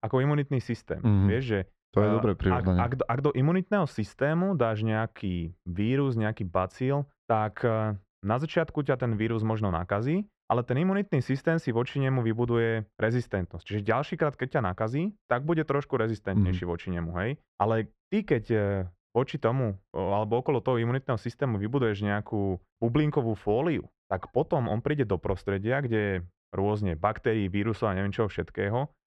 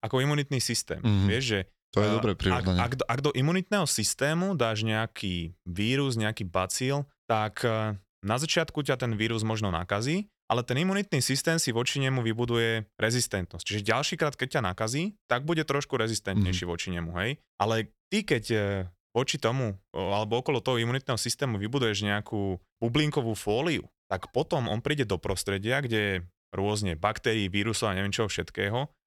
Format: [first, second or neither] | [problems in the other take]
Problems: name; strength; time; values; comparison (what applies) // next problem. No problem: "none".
second | muffled; very; fading above 3.5 kHz